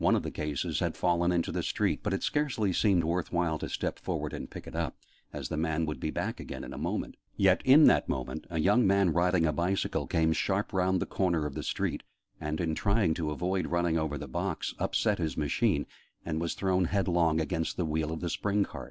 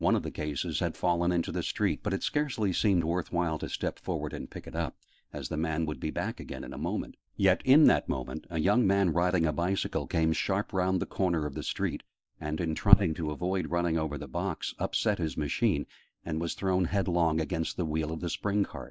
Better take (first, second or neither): first